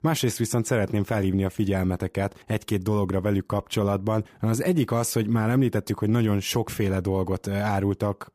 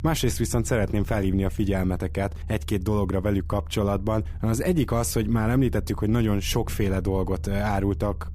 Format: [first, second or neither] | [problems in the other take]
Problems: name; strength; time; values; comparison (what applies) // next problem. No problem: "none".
first | low rumble; faint; throughout; 25 dB below the speech